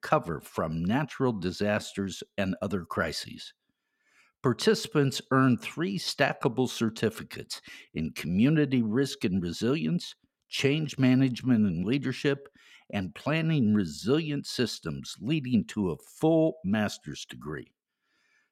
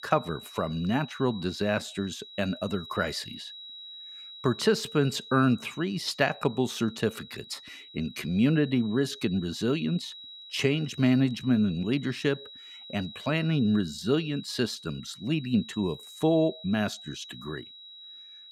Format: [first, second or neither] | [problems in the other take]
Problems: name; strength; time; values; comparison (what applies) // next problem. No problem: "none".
first | high-pitched whine; noticeable; throughout; 4 kHz, 15 dB below the speech